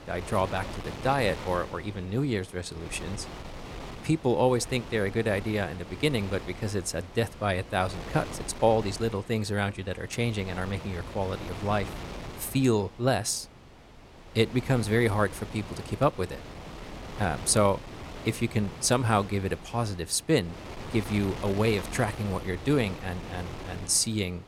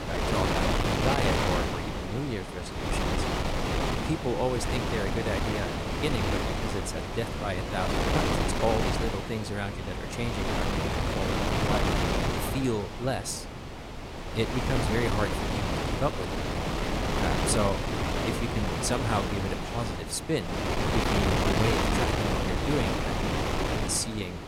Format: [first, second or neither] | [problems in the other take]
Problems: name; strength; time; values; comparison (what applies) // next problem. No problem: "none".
first | wind noise on the microphone; heavy; 3 dB above the speech; occasional gusts in the first